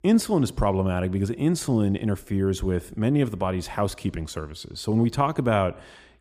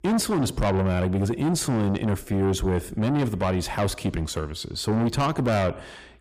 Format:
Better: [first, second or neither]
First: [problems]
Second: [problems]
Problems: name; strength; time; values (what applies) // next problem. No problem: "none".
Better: first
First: none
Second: distortion; heavy; 7 dB below the speech